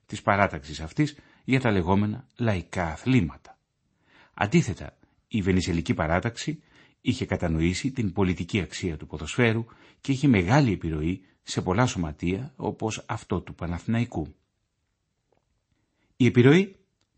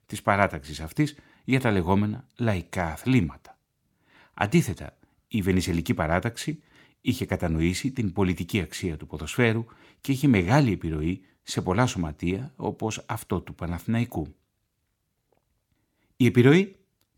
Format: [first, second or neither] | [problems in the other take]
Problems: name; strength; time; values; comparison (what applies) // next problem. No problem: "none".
second | garbled, watery; slightly; nothing above 8 kHz